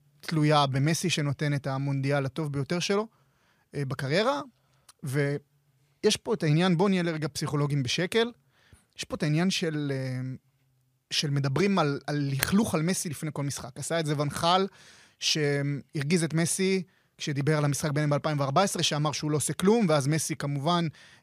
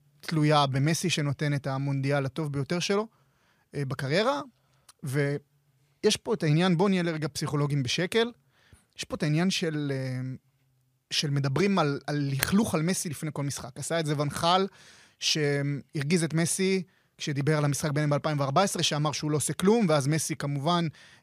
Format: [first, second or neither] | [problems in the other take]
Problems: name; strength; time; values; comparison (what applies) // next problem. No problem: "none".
neither | none